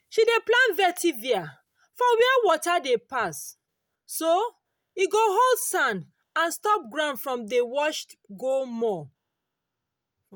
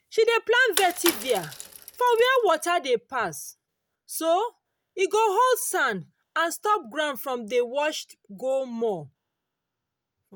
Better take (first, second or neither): first